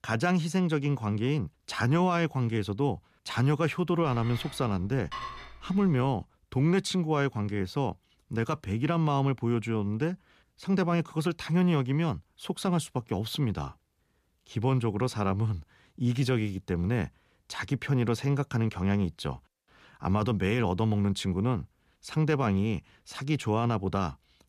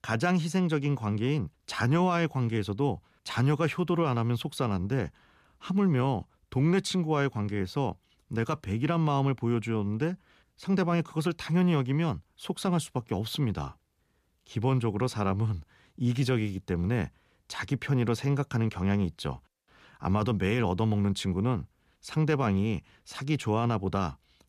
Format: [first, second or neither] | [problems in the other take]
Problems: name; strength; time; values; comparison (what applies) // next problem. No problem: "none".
second | clattering dishes; noticeable; from 4 to 6 s; peak 9 dB below the speech